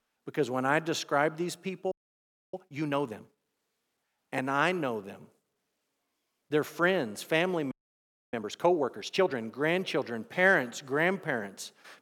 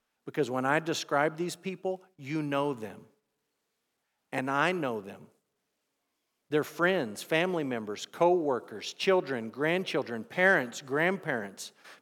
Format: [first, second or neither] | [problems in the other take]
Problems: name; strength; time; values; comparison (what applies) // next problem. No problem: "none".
second | audio freezing; at 2 s for 0.5 s and at 7.5 s for 0.5 s